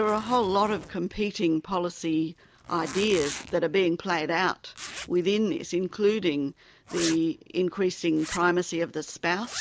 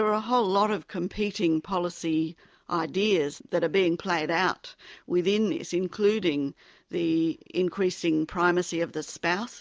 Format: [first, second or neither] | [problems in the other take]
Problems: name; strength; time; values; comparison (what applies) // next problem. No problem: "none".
second | background sound (Zipper (clothing)); 16 dB below the speech